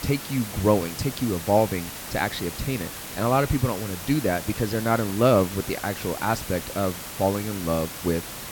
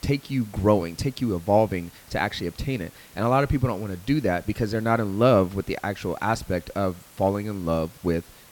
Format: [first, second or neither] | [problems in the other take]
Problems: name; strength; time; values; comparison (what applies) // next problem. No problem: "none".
second | hiss; loud; throughout; 9 dB below the speech; faint in the second